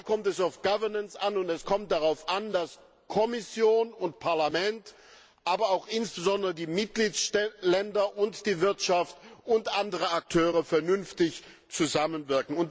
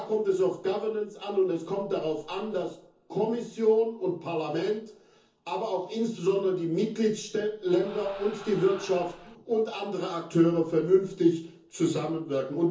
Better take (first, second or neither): first